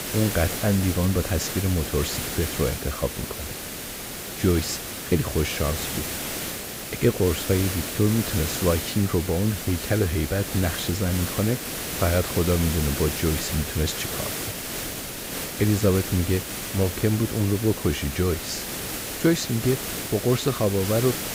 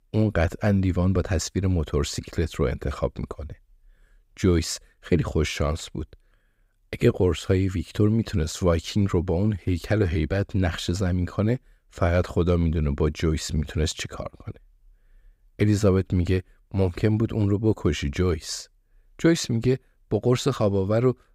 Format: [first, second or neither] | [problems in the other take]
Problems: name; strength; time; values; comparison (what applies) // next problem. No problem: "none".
second | hiss; loud; throughout; 5 dB below the speech